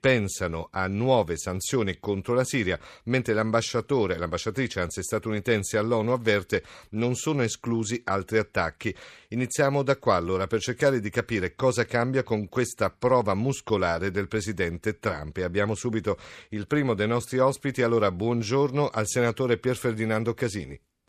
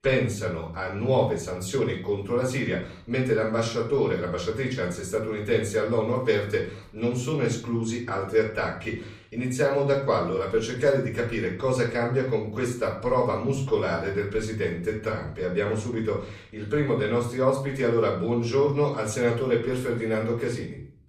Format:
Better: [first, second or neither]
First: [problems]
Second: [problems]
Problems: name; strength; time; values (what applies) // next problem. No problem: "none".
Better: first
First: none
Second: off-mic speech; far // room echo; slight; dies away in 0.5 s